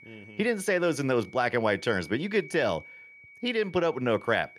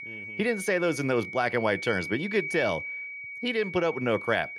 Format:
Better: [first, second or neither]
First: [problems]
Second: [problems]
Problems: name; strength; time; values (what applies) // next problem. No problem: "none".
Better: first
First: high-pitched whine; faint; throughout; 2.5 kHz, 20 dB below the speech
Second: high-pitched whine; loud; throughout; 2.5 kHz, 7 dB below the speech